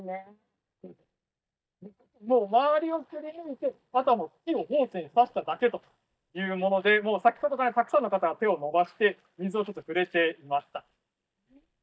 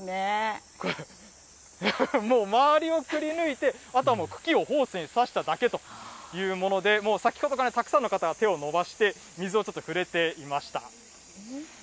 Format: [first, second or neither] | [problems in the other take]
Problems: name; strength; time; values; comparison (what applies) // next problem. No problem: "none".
second | noise reduction (neural mask model DeepFilterNet 3)